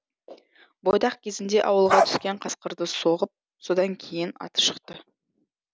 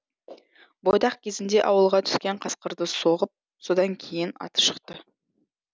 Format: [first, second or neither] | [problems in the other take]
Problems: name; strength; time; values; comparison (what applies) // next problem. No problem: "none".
second | background sound (Bark); as loud as the speech